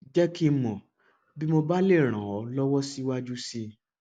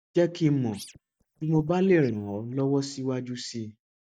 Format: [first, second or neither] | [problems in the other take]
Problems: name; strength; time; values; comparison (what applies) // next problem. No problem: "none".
first | noise reduction (neural mask model DeepFilterNet 3)